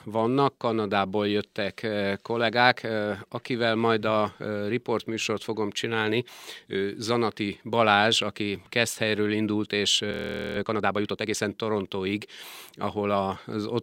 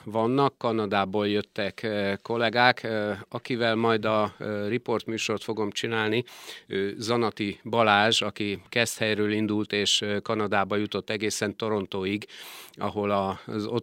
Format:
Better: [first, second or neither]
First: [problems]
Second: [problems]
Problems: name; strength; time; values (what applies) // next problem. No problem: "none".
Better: second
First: audio freezing; at 10 s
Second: none